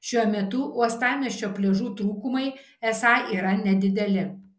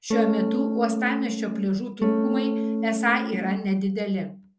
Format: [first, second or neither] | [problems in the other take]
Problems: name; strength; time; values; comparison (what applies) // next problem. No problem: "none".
first | background sound (Electric guitar / Strum); 1 dB above the speech